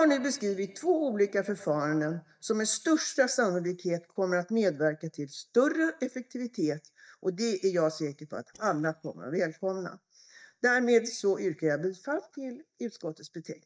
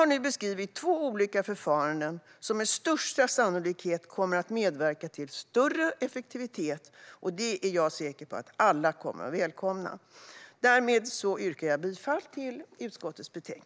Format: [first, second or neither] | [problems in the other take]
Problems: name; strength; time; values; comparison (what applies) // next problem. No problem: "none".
second | noise reduction (neural mask model DeepFilterNet 3)